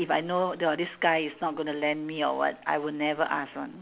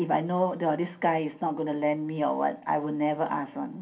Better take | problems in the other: first | room echo; dies away in 0.3 s

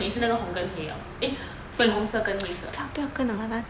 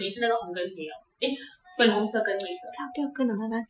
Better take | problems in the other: first | noise reduction (classical method Wiener filter)

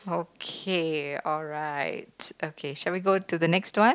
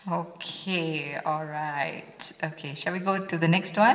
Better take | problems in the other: first | room echo; dies away in 1.6 s

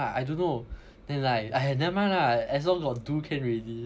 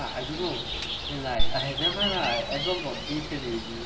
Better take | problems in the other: first | background sound (Gull, seagull); 3 dB above the speech // room echo; dies away in 2.3 s

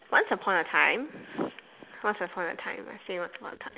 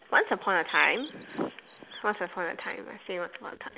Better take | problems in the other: first | background sound (Bird); 19 dB below the speech

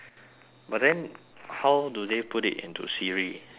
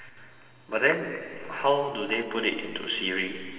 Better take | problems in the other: first | room echo; dies away in 2.9 s

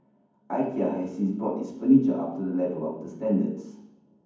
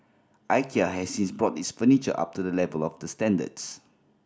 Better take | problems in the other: second | room echo; dies away in 1.2 s

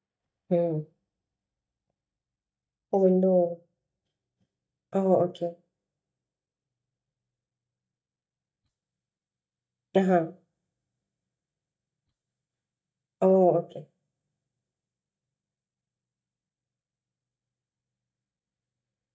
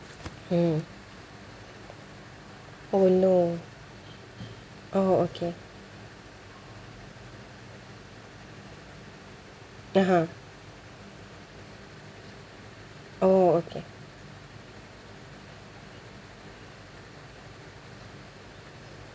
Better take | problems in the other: second | noise reduction (neural mask model DeepFilterNet 3)

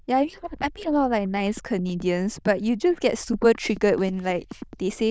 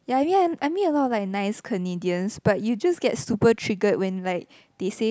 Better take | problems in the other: second | noise reduction (neural diffusion model UNIVERSE++)

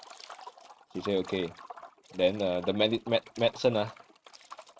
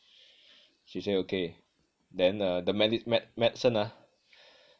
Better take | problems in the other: second | noise reduction (neural mask model RNNoise)

